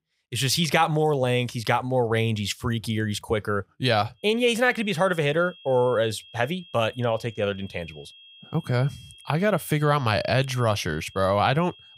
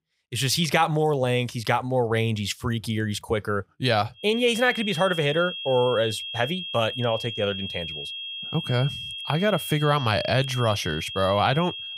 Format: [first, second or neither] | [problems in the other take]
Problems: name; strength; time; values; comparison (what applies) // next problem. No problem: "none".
first | high-pitched whine; loud; from 4.5 s on; 3.5 kHz, 7 dB below the speech; faint in the first